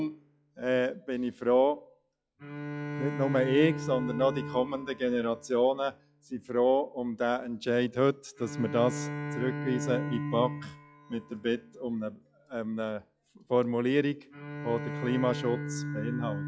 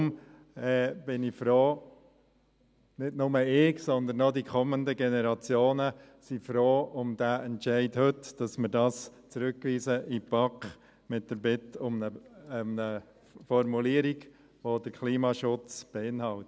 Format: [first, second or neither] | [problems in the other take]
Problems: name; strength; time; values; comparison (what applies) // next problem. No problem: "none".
second | noise reduction (classical method log-MMSE)